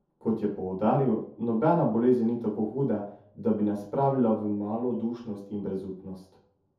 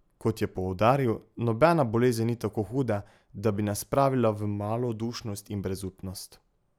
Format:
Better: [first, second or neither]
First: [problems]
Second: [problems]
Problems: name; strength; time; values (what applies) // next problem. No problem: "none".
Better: second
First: room echo; dies away in 0.5 s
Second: none